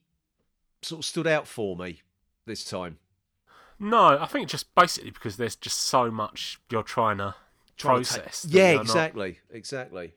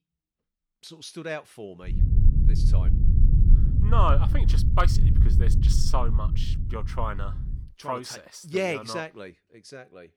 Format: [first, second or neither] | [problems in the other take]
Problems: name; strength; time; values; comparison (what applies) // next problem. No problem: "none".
first | low rumble; loud; from 2 to 7.5 s; 9 dB below the speech